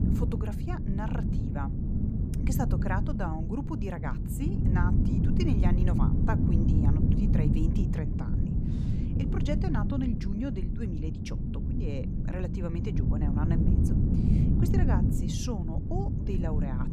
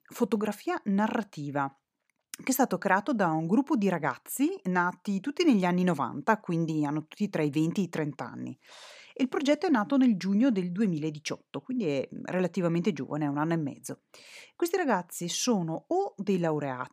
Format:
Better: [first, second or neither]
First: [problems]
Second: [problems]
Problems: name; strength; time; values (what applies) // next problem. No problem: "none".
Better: second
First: wind noise on the microphone; heavy; as loud as the speech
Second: none